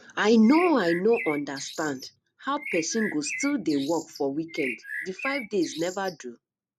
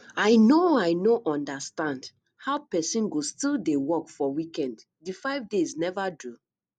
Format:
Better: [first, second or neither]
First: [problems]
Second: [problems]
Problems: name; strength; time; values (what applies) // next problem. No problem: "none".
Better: second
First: background sound (Bird); 11 dB below the speech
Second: none